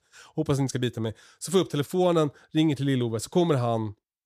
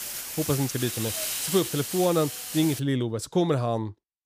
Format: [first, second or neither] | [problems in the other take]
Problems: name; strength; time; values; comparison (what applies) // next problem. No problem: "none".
first | hiss; loud; until 3 s; 4 dB below the speech